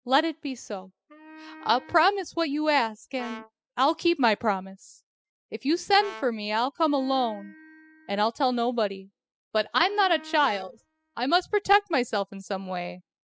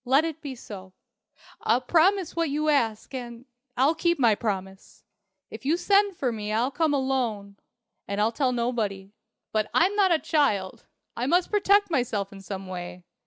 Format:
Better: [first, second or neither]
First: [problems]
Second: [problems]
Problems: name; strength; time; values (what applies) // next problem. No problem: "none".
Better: second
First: noise reduction (classical method spectral subtraction)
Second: none